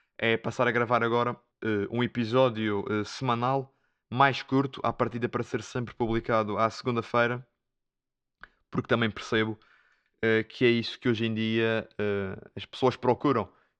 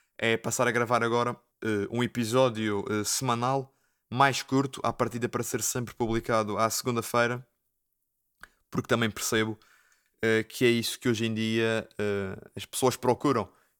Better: second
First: muffled; slightly; fading above 4 kHz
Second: none

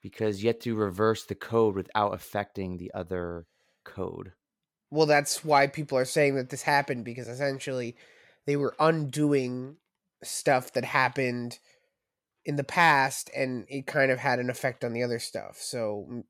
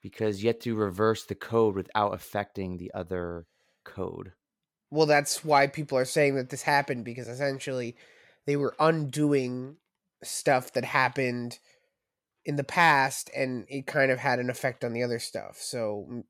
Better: neither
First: none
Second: none

